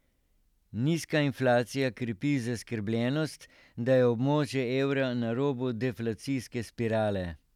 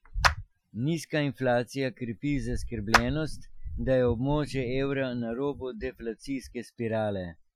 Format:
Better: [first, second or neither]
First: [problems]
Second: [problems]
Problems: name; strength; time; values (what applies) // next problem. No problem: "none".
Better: first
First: none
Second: noise reduction (classical method Wiener filter)